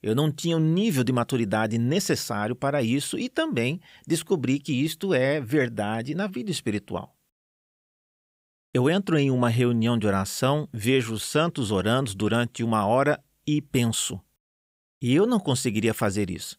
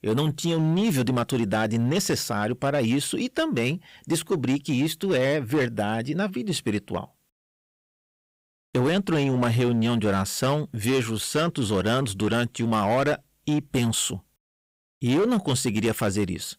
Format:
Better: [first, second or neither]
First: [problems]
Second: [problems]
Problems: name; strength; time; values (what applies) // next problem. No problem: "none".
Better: first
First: none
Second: distortion; slight; 10% of the sound clipped